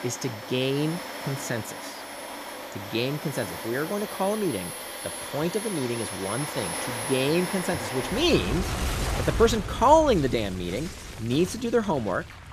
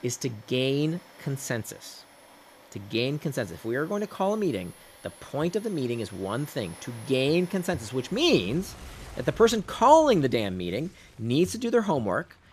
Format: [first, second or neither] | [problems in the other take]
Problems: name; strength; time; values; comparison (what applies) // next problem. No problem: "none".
second | household noises; loud; throughout; 7 dB below the speech; faint in the second